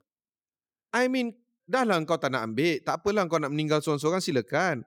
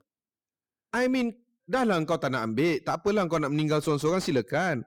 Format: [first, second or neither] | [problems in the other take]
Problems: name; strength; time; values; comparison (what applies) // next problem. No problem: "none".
first | distortion; slight; 10 dB below the speech